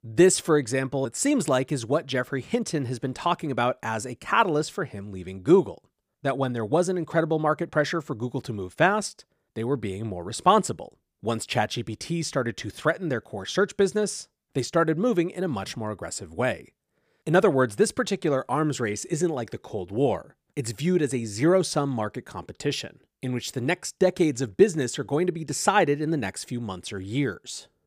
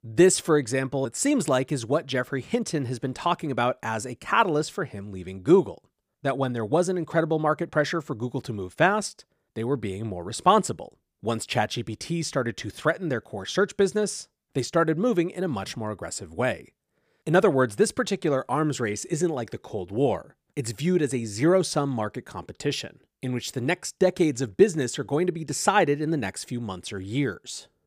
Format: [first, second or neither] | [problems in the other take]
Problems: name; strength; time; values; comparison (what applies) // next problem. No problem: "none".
neither | none